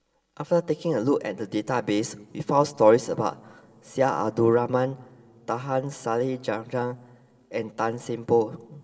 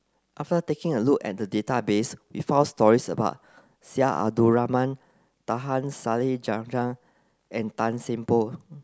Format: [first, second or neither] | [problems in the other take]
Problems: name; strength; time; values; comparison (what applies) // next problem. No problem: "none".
second | room echo; dies away in 0.8 s